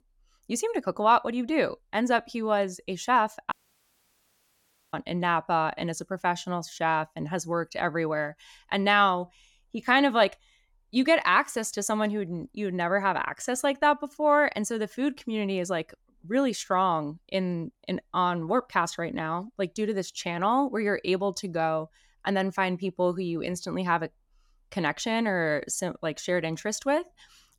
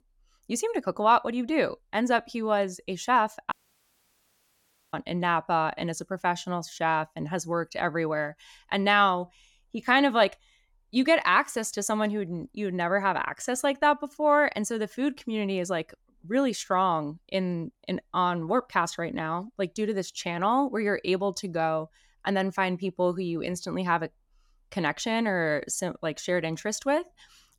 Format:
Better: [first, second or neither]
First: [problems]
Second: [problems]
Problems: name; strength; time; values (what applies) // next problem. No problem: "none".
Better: neither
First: audio cutting out; at 3.5 s for 1.5 s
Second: audio cutting out; at 3.5 s for 1.5 s